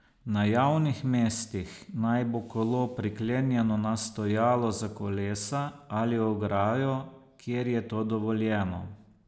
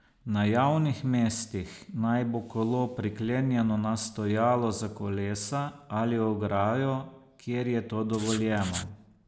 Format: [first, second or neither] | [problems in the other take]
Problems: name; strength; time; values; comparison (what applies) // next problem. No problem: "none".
first | background sound (Writing); 11 dB below the speech